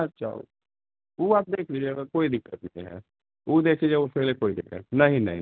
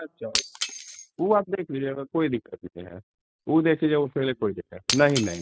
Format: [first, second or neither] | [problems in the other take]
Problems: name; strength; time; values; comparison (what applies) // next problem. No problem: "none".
first | noise reduction (classical method spectral subtraction)